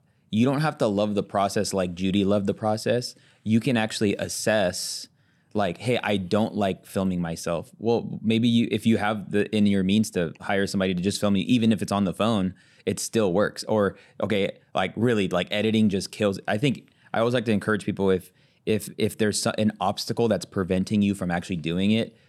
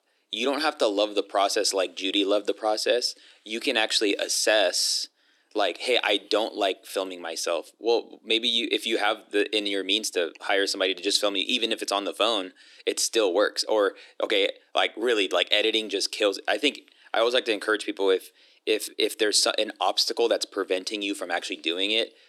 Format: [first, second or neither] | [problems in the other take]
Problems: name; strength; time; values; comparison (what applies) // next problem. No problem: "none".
first | thin; very; fading below 300 Hz